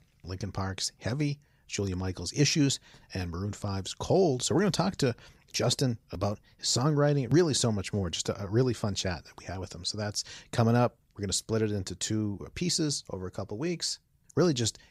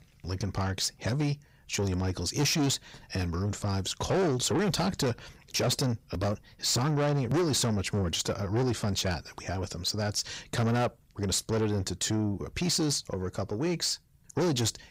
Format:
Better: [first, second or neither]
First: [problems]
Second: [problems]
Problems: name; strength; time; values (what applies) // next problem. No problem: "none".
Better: first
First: none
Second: distortion; heavy; 8 dB below the speech